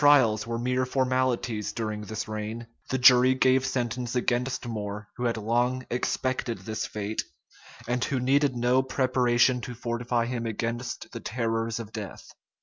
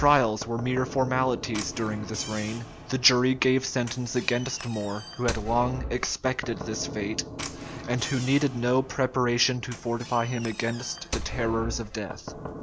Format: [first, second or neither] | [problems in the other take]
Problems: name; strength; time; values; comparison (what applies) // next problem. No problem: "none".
first | background sound (Knock / Slam); 11 dB below the speech